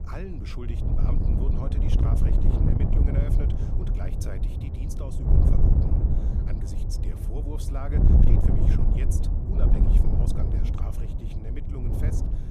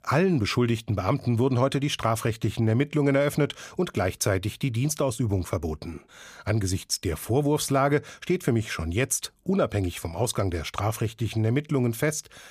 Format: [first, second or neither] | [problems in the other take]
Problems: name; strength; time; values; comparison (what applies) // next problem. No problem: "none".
second | wind noise on the microphone; heavy; 5 dB above the speech